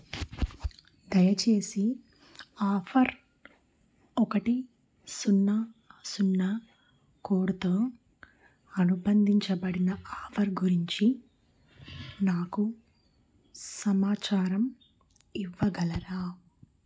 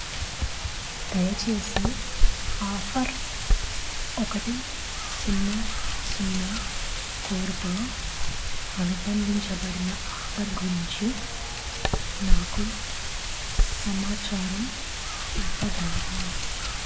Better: first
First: none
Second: background sound (Wind); 5 dB above the speech // room echo; dies away in 0.8 s

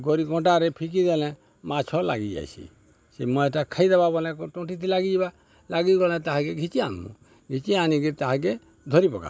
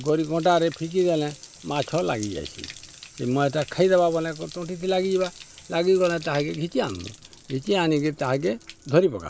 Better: first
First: none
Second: background sound (Bathtub (filling or washing)); 20 dB below the speech

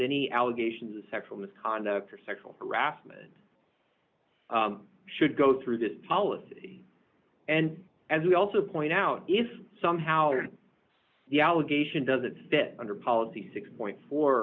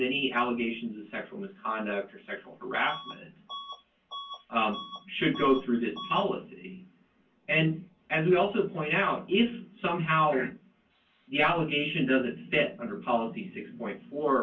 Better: first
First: none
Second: background sound (Bus / Alarm); 14 dB below the speech // room echo; dies away in 0.1 s

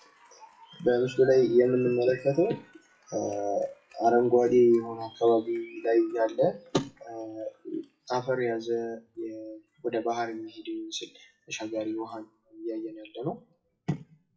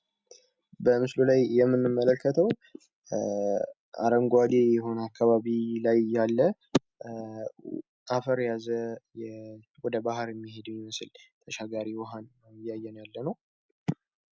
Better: second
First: noise reduction (classical method WPE with log-MMSE)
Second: none

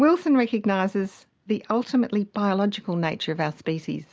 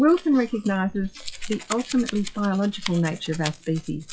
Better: first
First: none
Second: noise reduction (classical method WPE with log-MMSE)

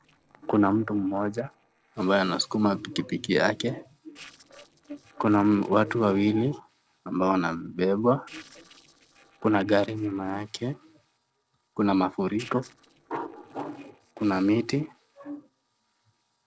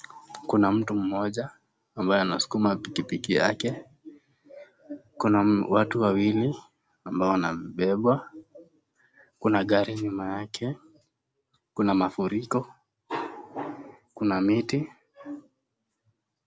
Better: second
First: noise reduction (neural separator model SepFormer DNS4)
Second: none

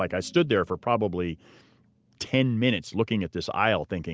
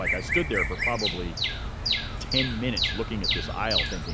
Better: first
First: none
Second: background sound (Bird vocalization, bird call, bird song); 3 dB above the speech

